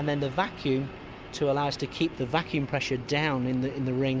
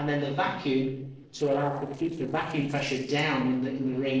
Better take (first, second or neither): first